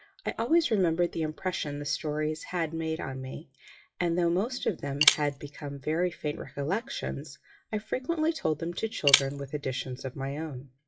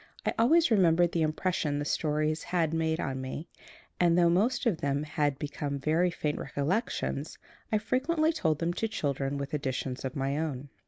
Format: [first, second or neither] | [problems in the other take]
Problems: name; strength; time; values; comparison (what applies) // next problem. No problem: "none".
second | noise reduction (classical method WPE with log-MMSE)